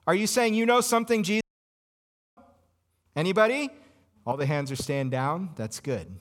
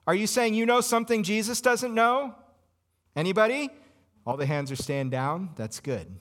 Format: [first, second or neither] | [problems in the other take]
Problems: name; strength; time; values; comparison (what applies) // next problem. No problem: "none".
second | audio cutting out; at 1.5 s for 1 s